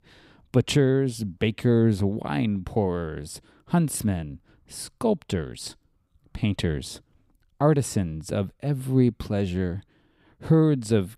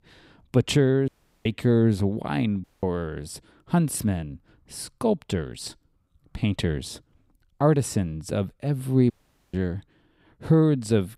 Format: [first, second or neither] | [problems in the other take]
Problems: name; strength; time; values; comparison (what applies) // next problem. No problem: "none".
first | audio cutting out; at 1 s, at 2.5 s and at 9 s